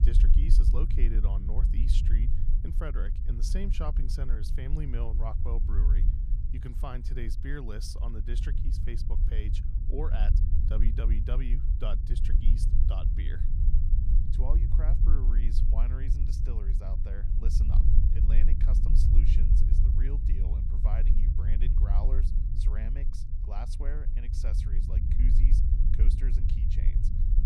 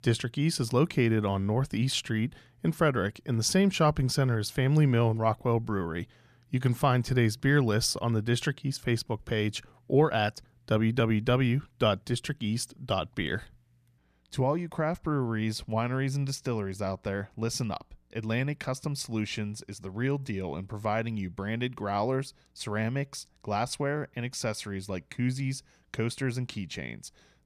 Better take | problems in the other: second | low rumble; loud; throughout; 3 dB below the speech

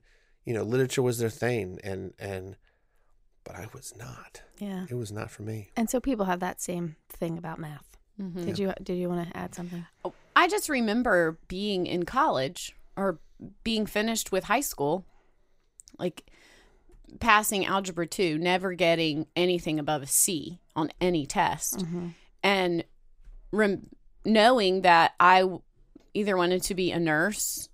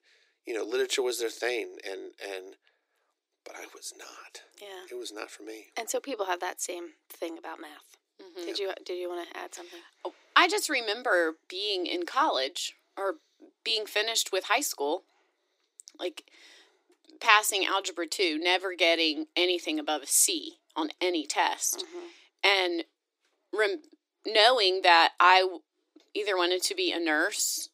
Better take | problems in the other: first | thin; very; fading below 300 Hz

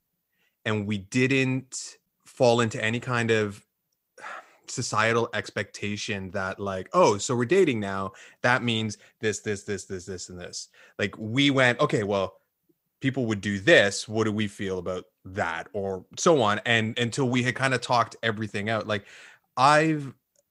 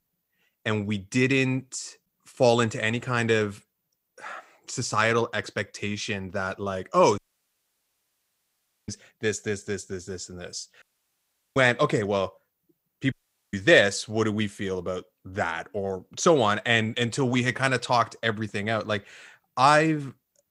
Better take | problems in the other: first | audio cutting out; at 7 s for 1.5 s, at 11 s for 0.5 s and at 13 s

